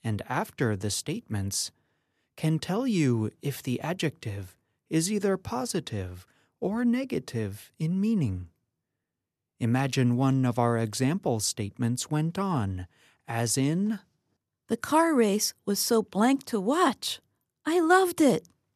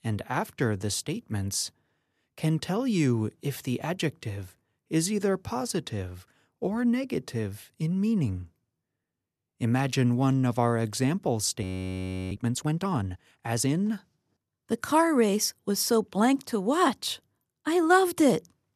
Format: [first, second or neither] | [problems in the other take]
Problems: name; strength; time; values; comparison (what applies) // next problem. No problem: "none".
first | audio freezing; at 12 s for 0.5 s